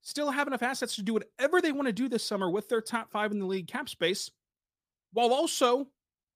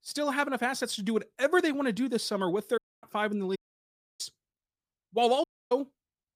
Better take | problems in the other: first | audio cutting out; at 3 s, at 3.5 s for 0.5 s and at 5.5 s

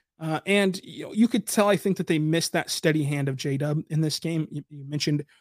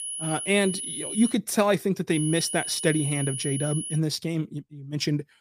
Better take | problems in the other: first | high-pitched whine; loud; until 1.5 s and from 2 to 4 s; 10.5 kHz, 5 dB below the speech

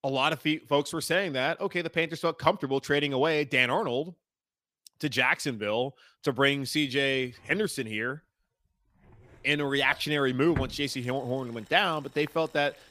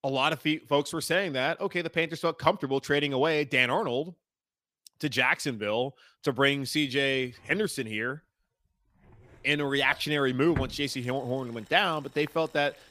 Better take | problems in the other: neither | household noises; noticeable; from 7 s on; 15 dB below the speech; the same in both

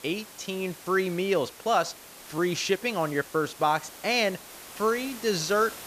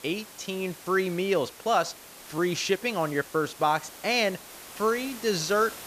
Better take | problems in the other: neither | hiss; noticeable; throughout; 15 dB below the speech; the same in both

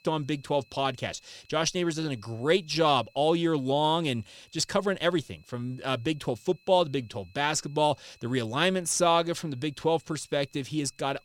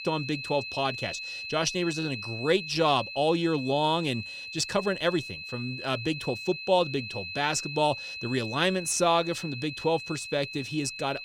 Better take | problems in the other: first | high-pitched whine; loud; throughout; 2.5 kHz, 8 dB below the speech; faint in the first

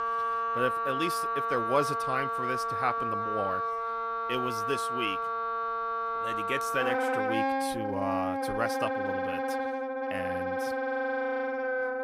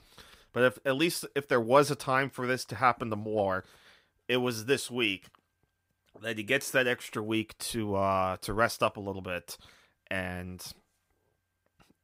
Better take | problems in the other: second | background music; very loud; throughout; 3 dB above the speech

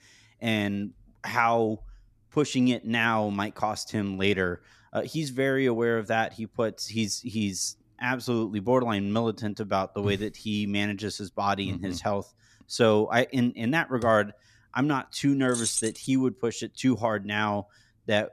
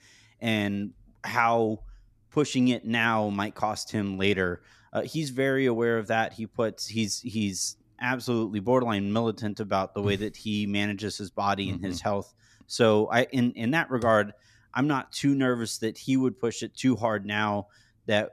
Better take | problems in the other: second | jangling keys; noticeable; at 16 s; peak 1 dB below the speech

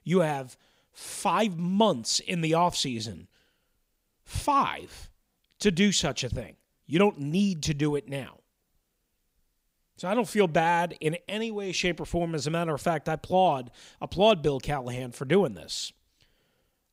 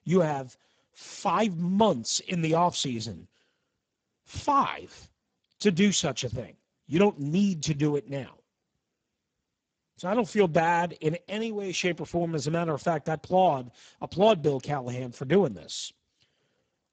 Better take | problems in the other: first | garbled, watery; badly; nothing above 7.5 kHz

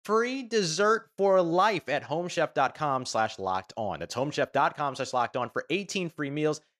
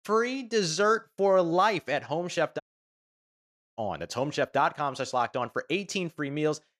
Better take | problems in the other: first | audio cutting out; at 2.5 s for 1 s

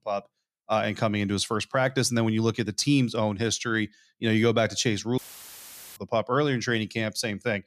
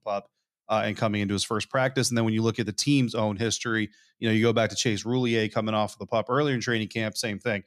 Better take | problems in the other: second | audio cutting out; filled with static; at 5 s for 1 s

